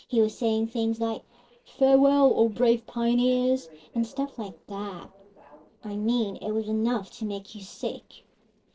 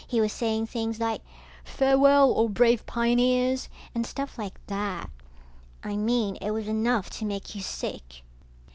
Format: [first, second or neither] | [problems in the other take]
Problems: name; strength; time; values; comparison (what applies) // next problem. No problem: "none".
second | noise reduction (neural separator model SepFormer DNS4)